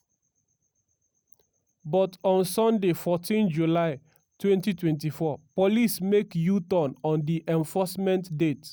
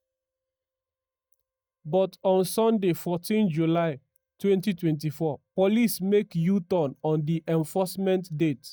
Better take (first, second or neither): first